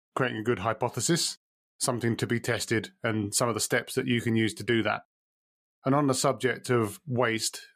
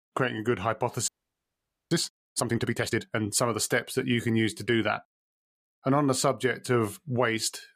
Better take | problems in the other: first | audio freezing; at 1 s for 1 s

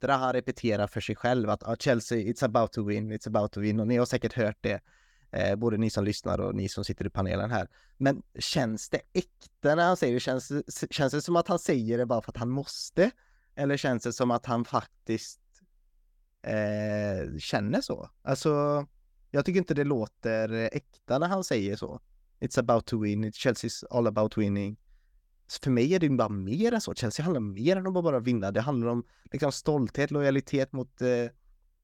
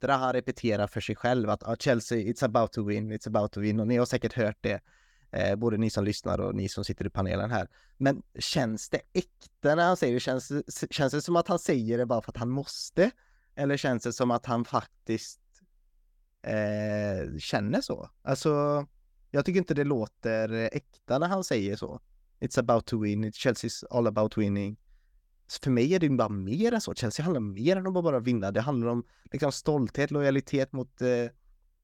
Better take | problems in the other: neither | none

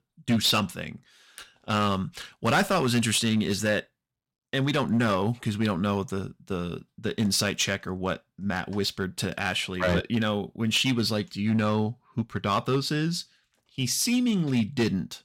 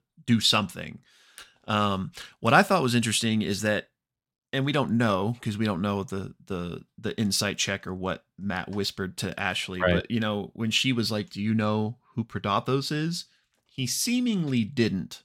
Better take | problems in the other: second | distortion; slight; 4% of the sound clipped

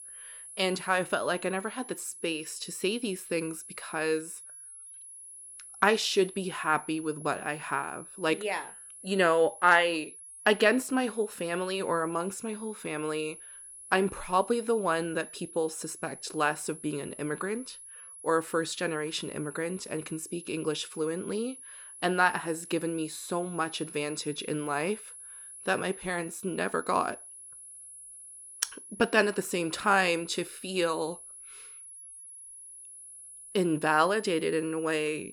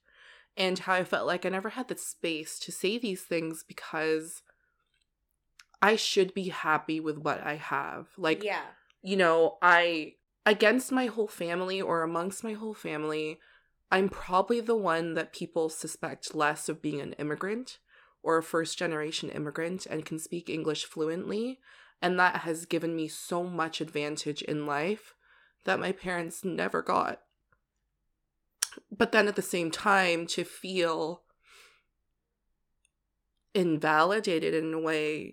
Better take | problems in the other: second | high-pitched whine; noticeable; throughout; 10.5 kHz, 15 dB below the speech

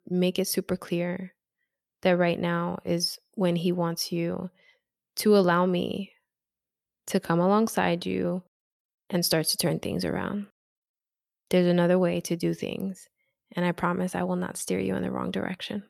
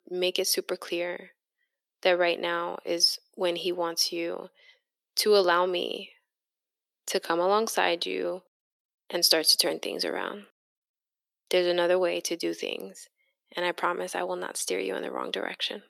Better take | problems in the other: first | thin; very; fading below 300 Hz

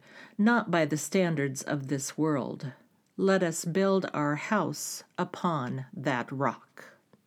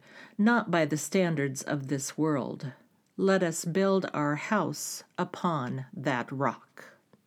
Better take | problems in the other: neither | none

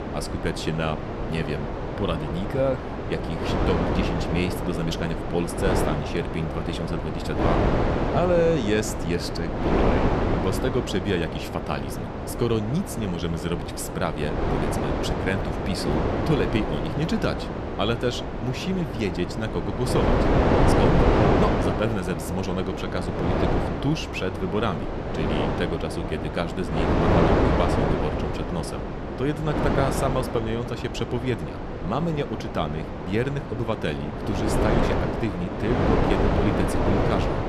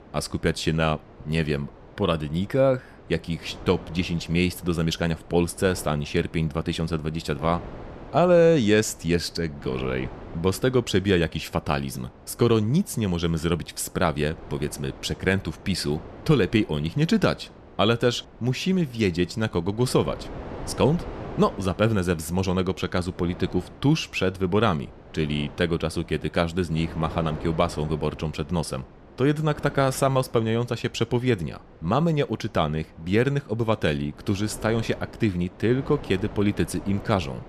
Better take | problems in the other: second | wind noise on the microphone; heavy; 2 dB above the speech; occasional gusts in the second

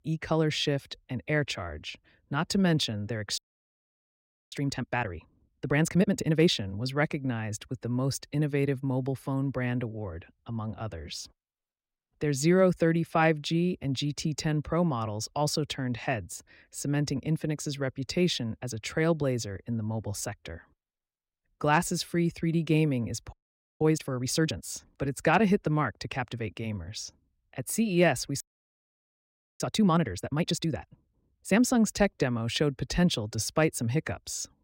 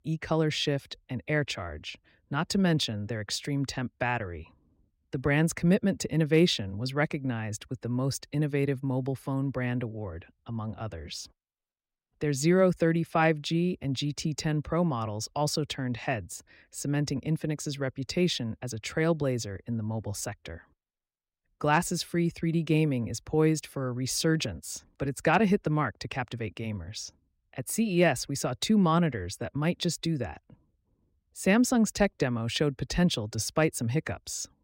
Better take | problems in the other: second | audio freezing; at 3.5 s for 1 s, at 23 s and at 28 s for 1 s

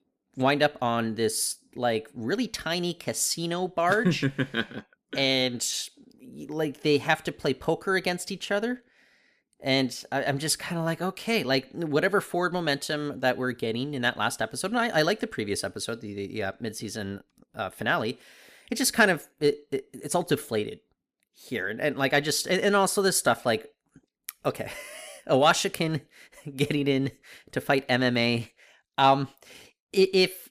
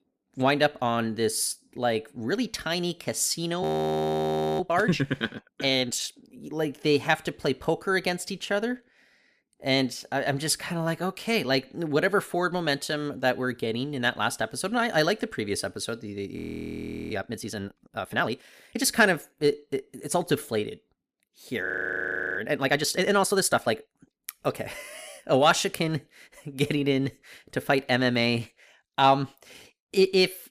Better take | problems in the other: first | audio freezing; at 3.5 s for 1 s, at 16 s for 1 s and at 22 s for 0.5 s

